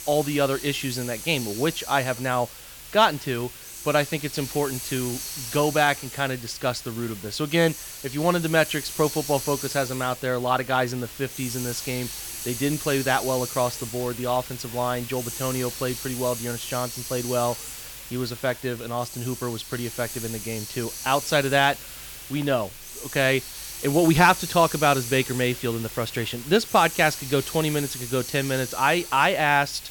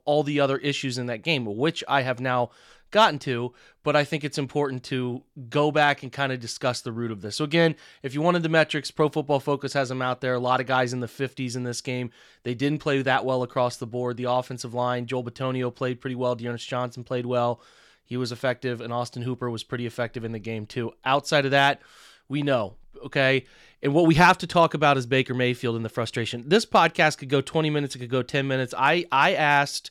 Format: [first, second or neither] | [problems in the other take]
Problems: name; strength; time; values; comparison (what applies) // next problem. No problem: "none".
second | hiss; loud; throughout; 9 dB below the speech